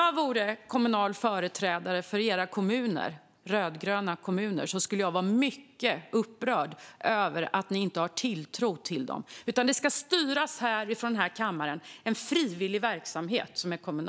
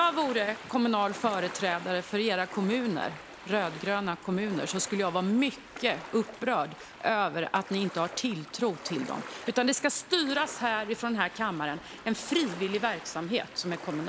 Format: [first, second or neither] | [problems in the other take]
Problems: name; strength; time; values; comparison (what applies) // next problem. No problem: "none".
first | background sound (Ocean); 14 dB below the speech